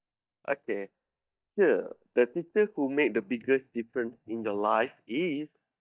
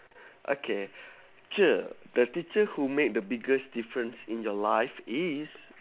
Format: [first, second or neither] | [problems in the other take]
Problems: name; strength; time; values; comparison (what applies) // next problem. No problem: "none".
second | noise reduction (neural mask model DeepFilterNet 3)